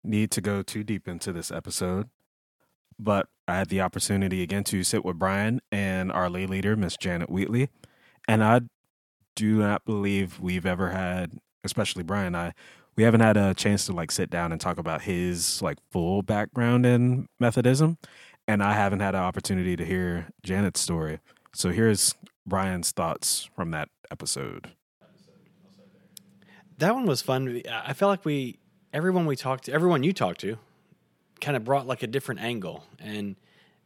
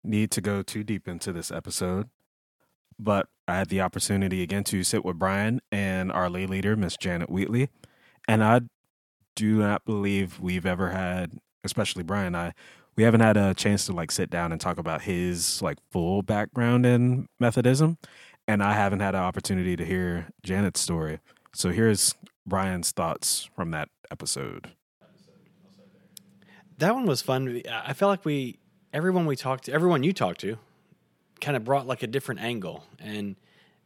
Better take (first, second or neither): neither